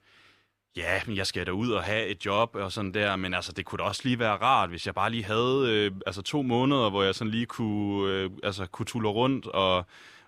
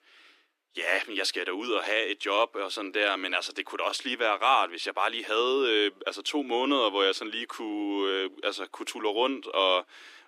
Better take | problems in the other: first | thin; somewhat; fading below 300 Hz

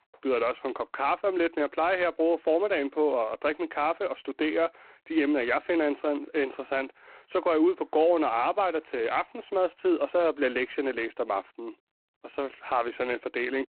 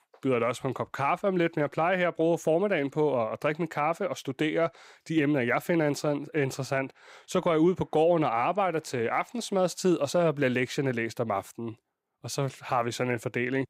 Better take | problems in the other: second | phone-call audio; poor line; nothing above 4 kHz

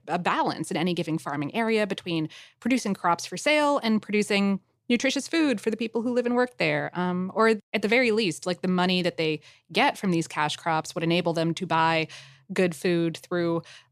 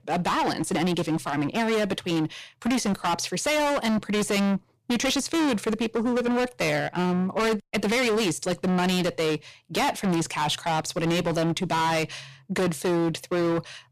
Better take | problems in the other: first | distortion; heavy; 26% of the sound clipped

